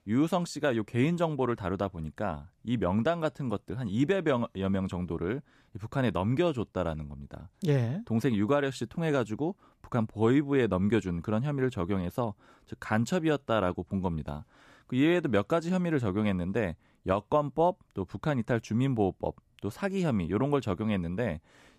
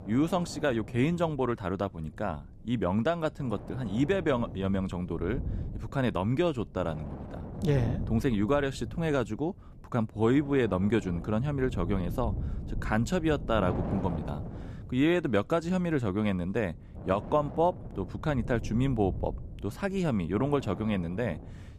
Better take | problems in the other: first | wind noise on the microphone; occasional gusts; 15 dB below the speech

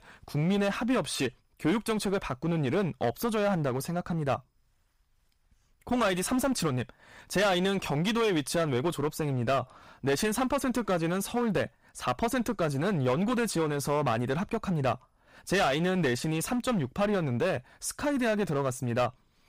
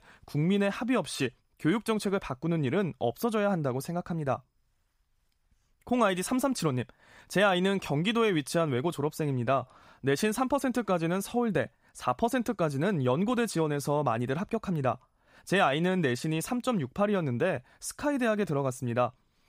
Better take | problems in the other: second | distortion; heavy; 12% of the sound clipped

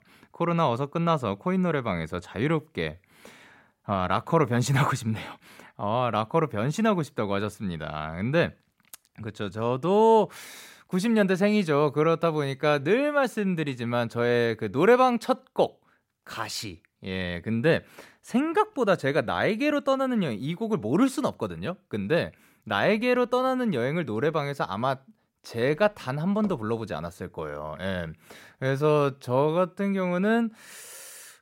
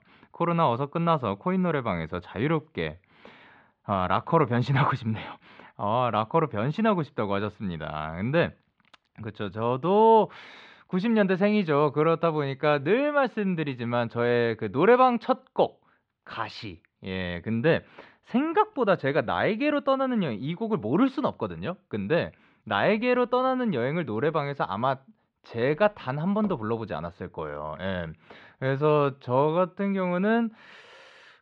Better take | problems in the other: first | muffled; slightly; fading above 3.5 kHz

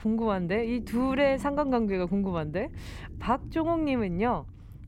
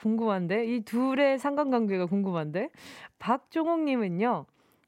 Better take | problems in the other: second | low rumble; faint; throughout; 20 dB below the speech

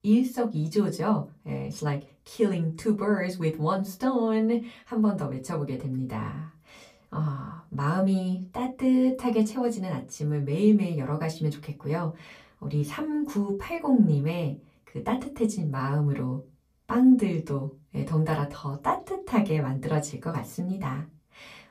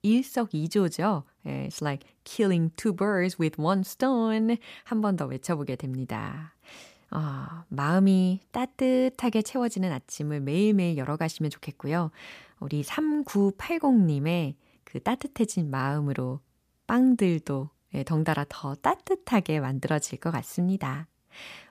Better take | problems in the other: second | off-mic speech; far // room echo; very slight; dies away in 0.2 s

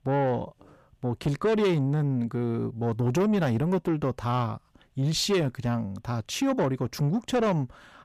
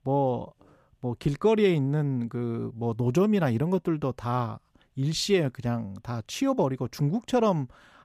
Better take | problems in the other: second | distortion; slight; 10 dB below the speech

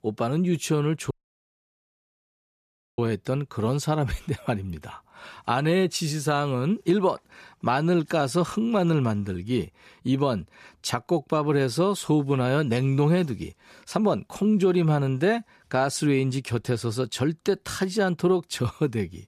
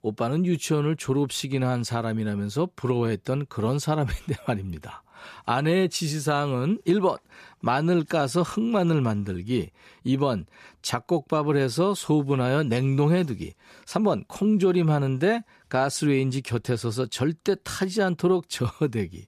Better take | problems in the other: second | audio cutting out; at 1 s for 2 s

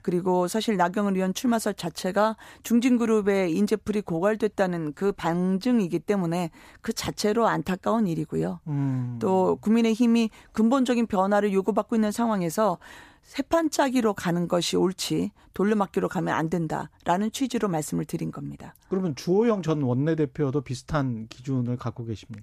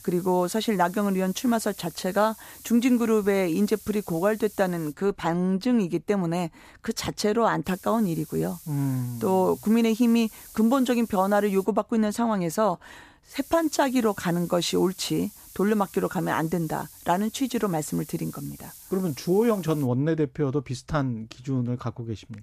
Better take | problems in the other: first | hiss; noticeable; until 5 s, from 7.5 to 12 s and from 13 to 20 s; 20 dB below the speech

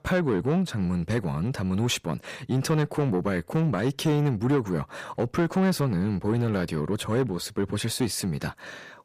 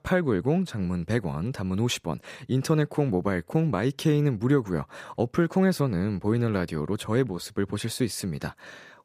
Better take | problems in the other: second | distortion; slight; 10 dB below the speech

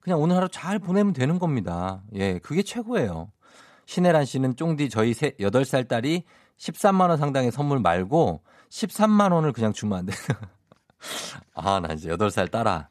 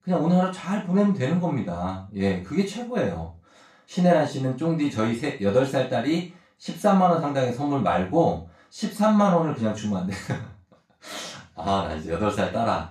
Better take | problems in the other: first | room echo; noticeable; dies away in 0.3 s // off-mic speech; far

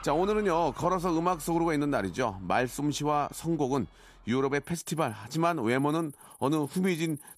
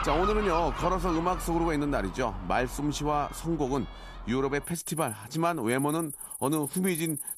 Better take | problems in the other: first | animal sounds; loud; throughout; 8 dB below the speech; faint in the first

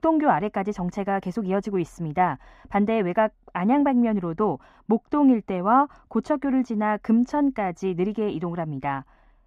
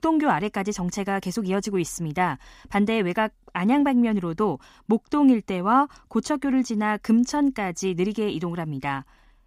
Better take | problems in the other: second | muffled; very; fading above 3 kHz

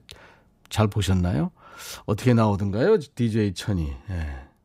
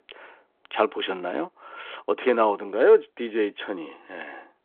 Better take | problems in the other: first | phone-call audio; nothing above 3.5 kHz

